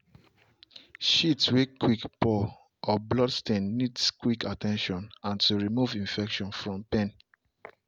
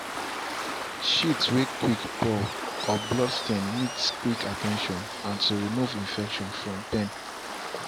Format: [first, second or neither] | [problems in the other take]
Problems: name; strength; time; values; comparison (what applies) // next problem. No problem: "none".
first | background sound (Waves, surf); 5 dB below the speech